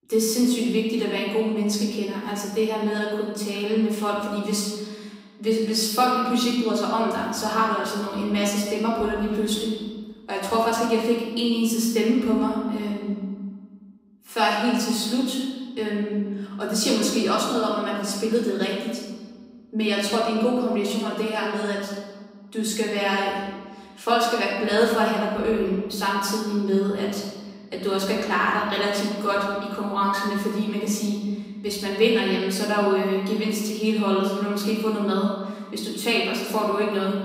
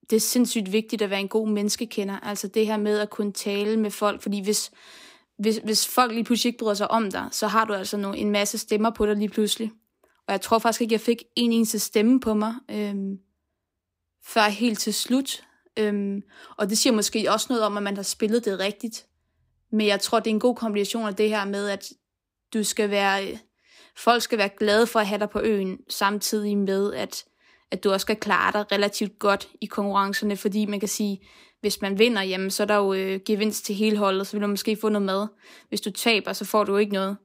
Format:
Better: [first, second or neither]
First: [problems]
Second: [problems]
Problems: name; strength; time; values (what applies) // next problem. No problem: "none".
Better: second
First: off-mic speech; far // room echo; noticeable; dies away in 1.3 s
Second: none